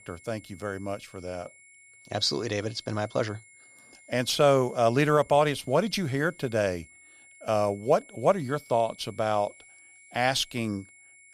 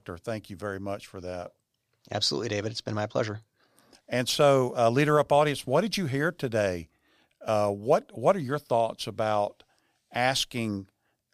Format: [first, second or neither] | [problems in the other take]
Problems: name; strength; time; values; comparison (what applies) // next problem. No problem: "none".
second | high-pitched whine; faint; throughout; 2 kHz, 25 dB below the speech